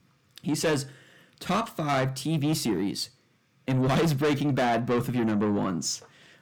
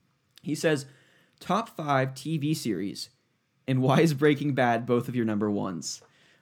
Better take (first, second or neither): second